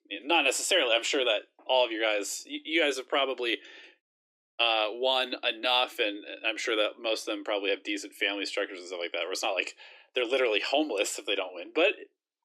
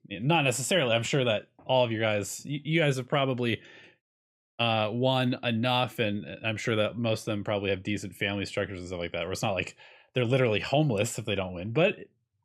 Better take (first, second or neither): second